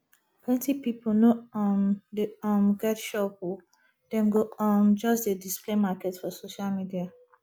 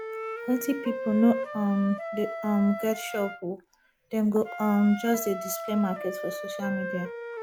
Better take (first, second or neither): first